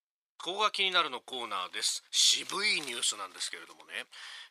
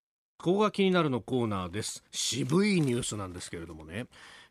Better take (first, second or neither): second